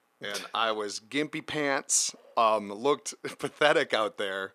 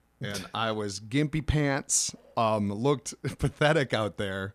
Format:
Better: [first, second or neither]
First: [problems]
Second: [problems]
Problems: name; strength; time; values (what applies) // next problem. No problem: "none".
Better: second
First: thin; somewhat; fading below 400 Hz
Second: none